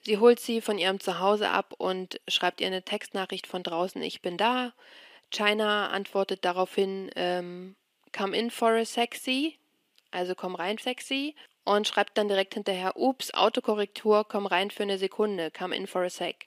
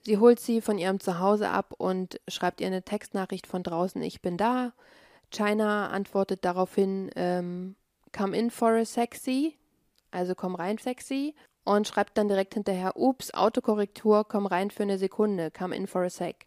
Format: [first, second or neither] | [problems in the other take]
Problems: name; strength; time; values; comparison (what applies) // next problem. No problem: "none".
second | thin; very slightly; fading below 250 Hz